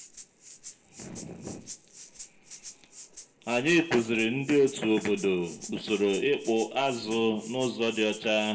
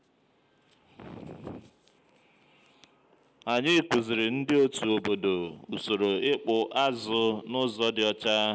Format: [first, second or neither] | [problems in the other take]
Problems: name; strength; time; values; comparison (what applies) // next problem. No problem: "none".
second | background sound (Rattle (instrument)); 19 dB below the speech // room echo; dies away in 0.5 s